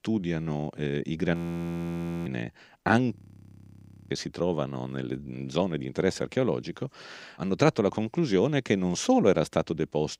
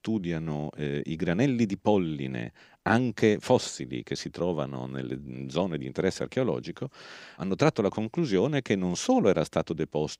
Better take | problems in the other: second | audio freezing; at 1.5 s for 1 s and at 3 s for 1 s

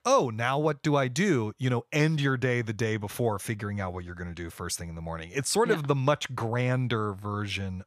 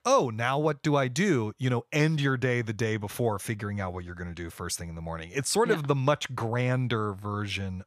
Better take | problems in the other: neither | none

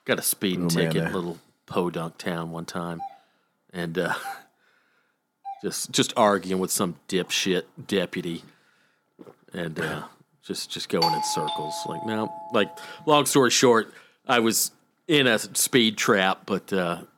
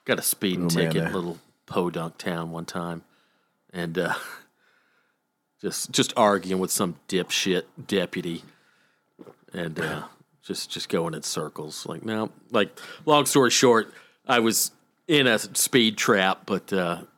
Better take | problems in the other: second | doorbell; faint; from 3 to 5.5 s; peak 15 dB below the speech // doorbell; loud; from 11 to 12 s; peak level with the speech

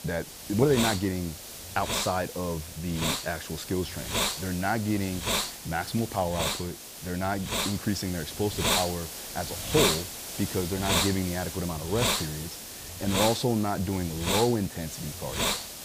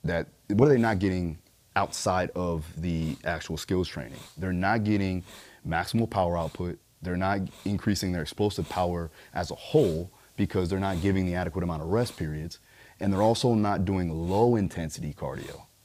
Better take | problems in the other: second | hiss; loud; throughout; 1 dB below the speech; faint in the second

